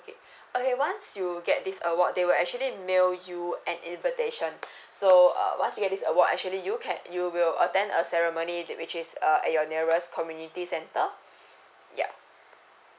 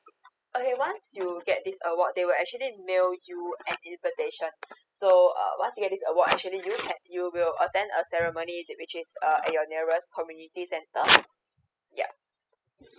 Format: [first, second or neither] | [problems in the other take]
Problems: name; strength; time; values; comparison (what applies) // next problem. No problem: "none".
first | noise reduction (classical method spectral subtraction)